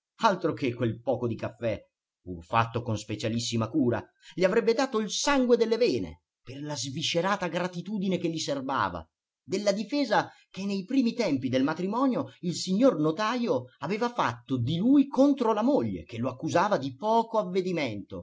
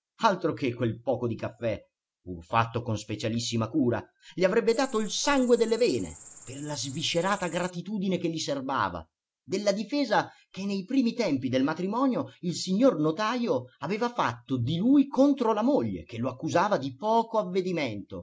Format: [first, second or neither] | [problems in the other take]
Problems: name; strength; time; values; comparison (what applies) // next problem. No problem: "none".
first | background sound (Cricket); 17 dB below the speech